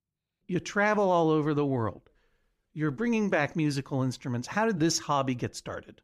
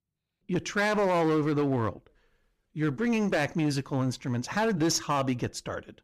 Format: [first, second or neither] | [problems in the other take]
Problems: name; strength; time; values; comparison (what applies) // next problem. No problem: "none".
first | distortion; slight; 9% of the sound clipped